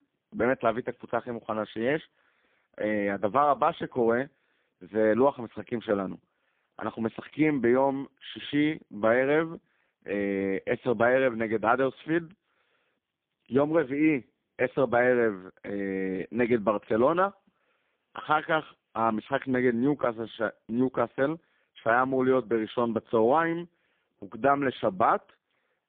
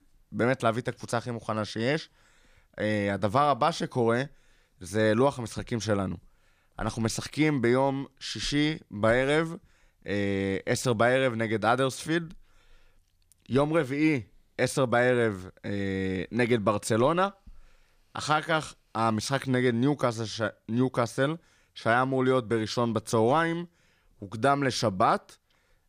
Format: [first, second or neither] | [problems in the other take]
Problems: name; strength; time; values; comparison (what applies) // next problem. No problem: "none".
second | phone-call audio; poor line